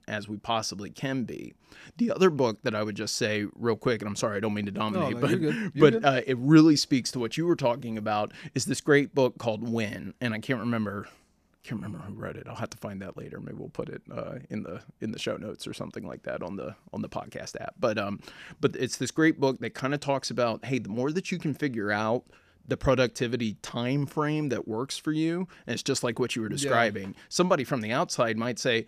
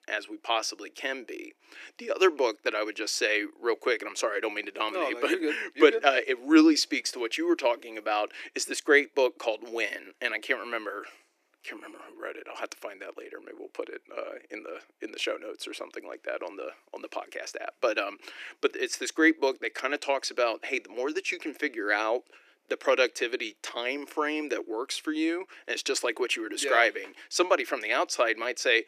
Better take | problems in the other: first | thin; very; fading below 300 Hz

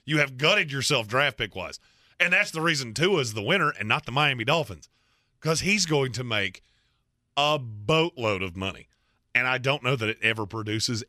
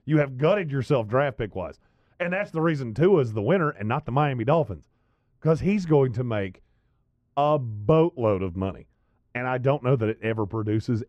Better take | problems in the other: first | muffled; very; fading above 2 kHz

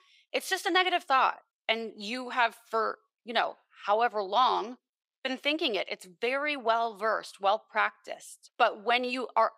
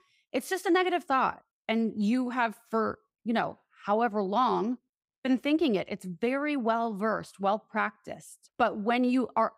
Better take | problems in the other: second | thin; somewhat; fading below 550 Hz

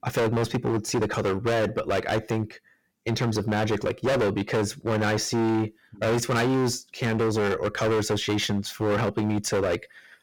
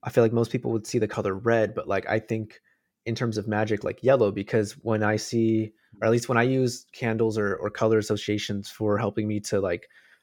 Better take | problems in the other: second | distortion; heavy; 24% of the sound clipped

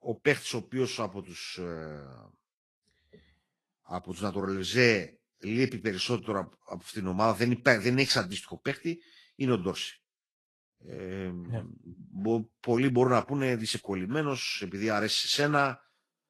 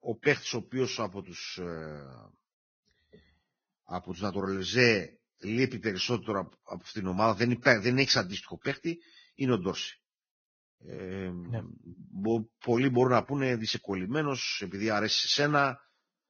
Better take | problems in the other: first | garbled, watery; badly; nothing above 6.5 kHz; slightly in the first

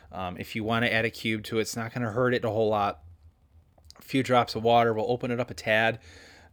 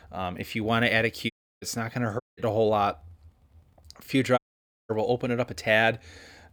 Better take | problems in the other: first | audio cutting out; at 1.5 s, at 2 s and at 4.5 s for 0.5 s

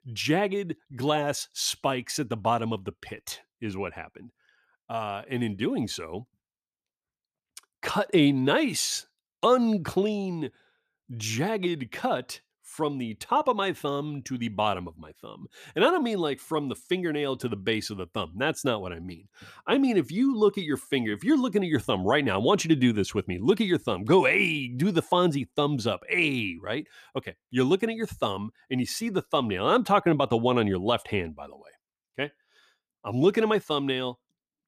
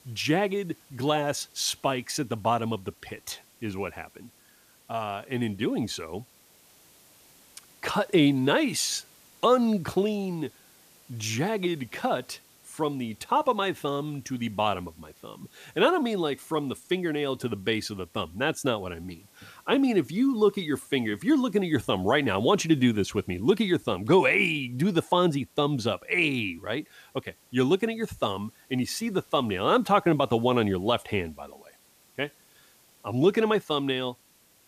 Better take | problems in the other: first | hiss; faint; throughout; 30 dB below the speech

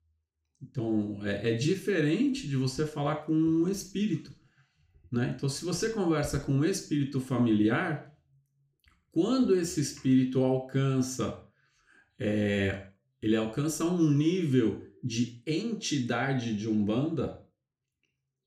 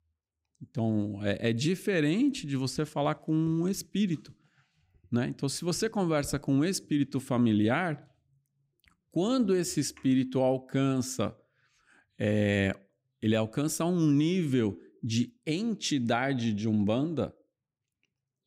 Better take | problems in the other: second | room echo; slight; dies away in 0.4 s // off-mic speech; somewhat distant

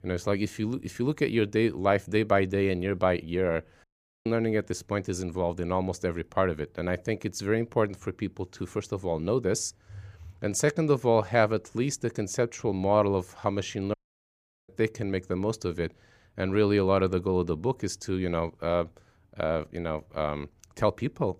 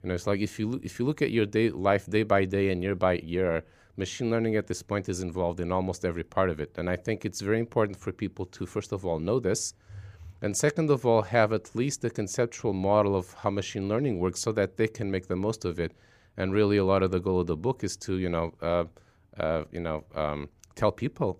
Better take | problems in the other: second | audio cutting out; at 4 s and at 14 s for 0.5 s

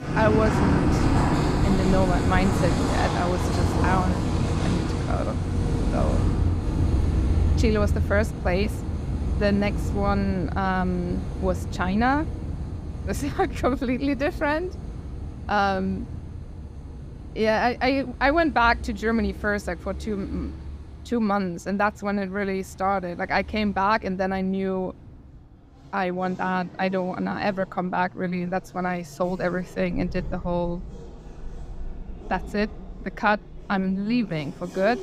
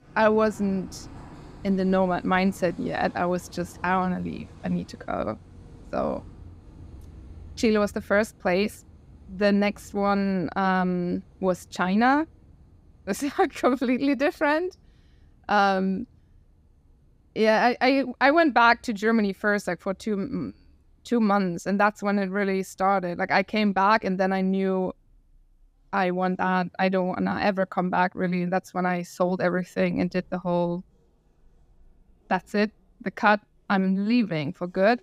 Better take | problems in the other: second | traffic noise; loud; throughout; 1 dB below the speech; faint in the second

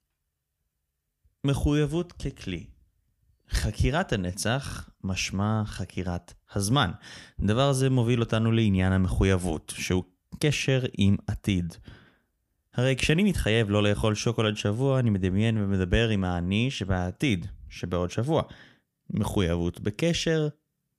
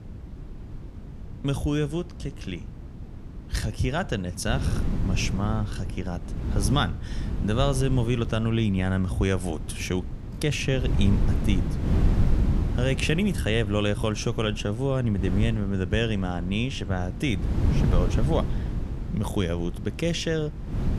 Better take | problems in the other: first | wind noise on the microphone; occasional gusts; 10 dB below the speech

